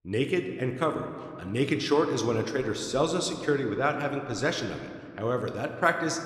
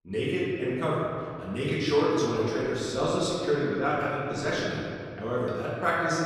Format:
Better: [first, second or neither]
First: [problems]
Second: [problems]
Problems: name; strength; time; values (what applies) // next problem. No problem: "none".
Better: first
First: room echo; slight; dies away in 1.7 s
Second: room echo; strong; dies away in 2.1 s // off-mic speech; far